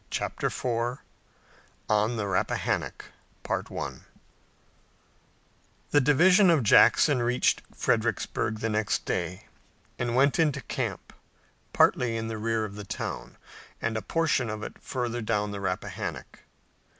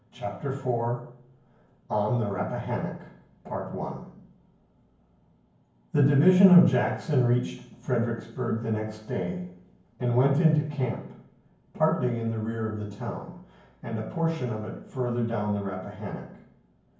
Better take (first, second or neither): first